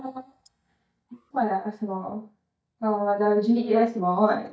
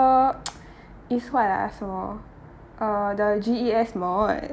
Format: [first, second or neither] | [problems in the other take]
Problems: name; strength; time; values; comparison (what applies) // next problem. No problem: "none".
second | noise reduction (neural mask model DeepFilterNet 3)